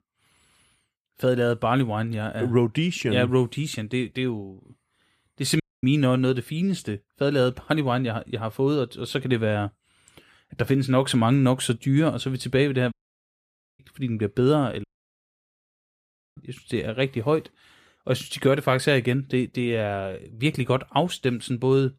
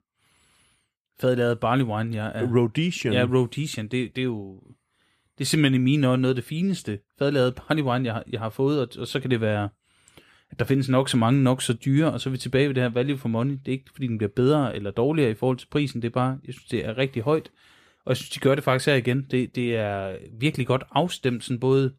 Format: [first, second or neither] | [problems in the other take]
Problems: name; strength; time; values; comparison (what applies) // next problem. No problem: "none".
second | audio cutting out; at 5.5 s, at 13 s for 1 s and at 15 s for 1.5 s